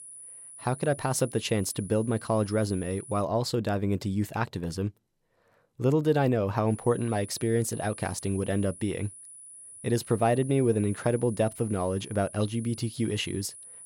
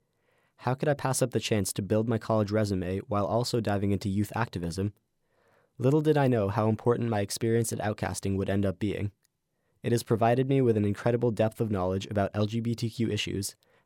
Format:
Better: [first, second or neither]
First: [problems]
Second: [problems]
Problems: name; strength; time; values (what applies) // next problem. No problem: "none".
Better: second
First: high-pitched whine; noticeable; until 3 s and from 6.5 s on; 10 kHz, 15 dB below the speech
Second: none